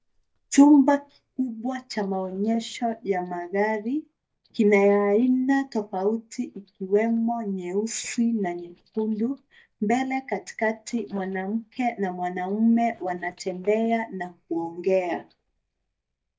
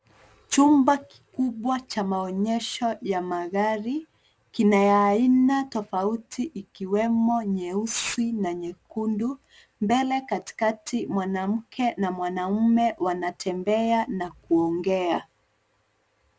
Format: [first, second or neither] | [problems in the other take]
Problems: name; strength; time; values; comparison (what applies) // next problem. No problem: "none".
second | noise reduction (neural mask model DeepFilterNet 3)